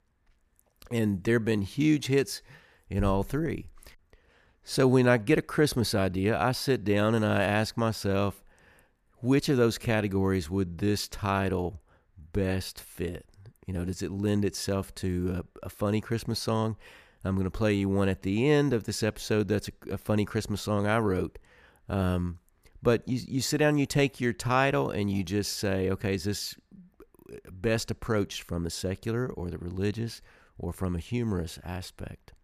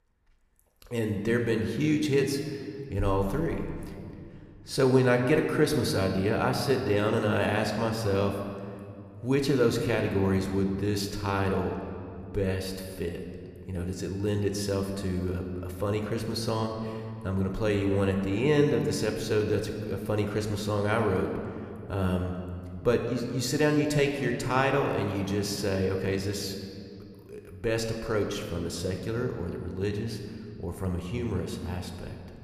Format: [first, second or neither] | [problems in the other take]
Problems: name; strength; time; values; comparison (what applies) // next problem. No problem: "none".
first | room echo; slight; dies away in 1.8 s